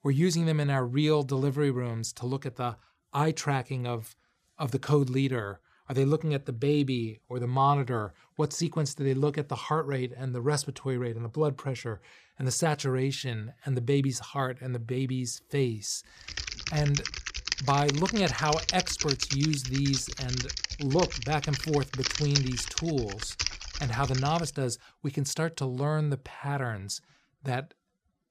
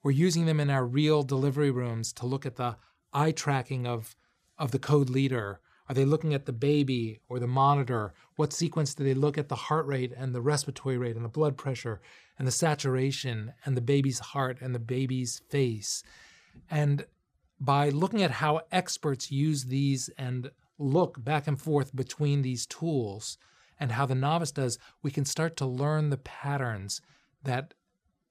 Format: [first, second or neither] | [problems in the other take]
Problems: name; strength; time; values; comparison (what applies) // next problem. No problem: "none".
second | keyboard typing; loud; from 16 to 24 s; peak 2 dB above the speech